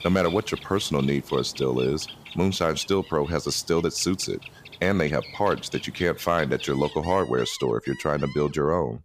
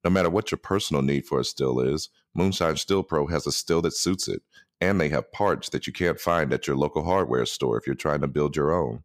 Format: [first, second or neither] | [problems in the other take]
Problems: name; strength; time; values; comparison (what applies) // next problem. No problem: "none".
second | animal sounds; noticeable; throughout; 15 dB below the speech